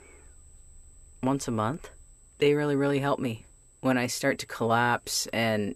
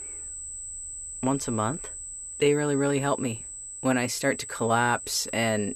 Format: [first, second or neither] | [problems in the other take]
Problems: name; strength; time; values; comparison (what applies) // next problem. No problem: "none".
first | high-pitched whine; loud; throughout; 8 kHz, 9 dB below the speech; faint in the first